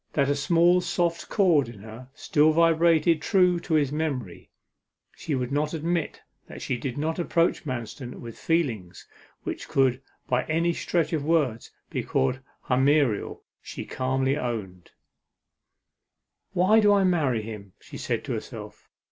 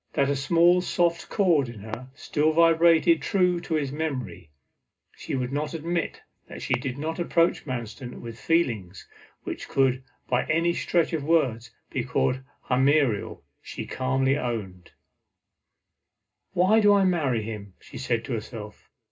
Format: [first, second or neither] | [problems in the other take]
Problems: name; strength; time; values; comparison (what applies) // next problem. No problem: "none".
first | background sound (Fireworks); 19 dB below the speech // room echo; dies away in 0.2 s